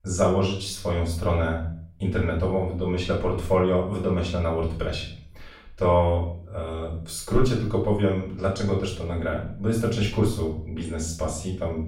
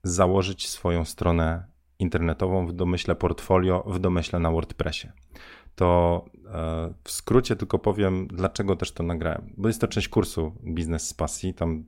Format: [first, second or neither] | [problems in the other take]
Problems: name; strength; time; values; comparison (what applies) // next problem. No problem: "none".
second | room echo; noticeable; dies away in 0.5 s // off-mic speech; far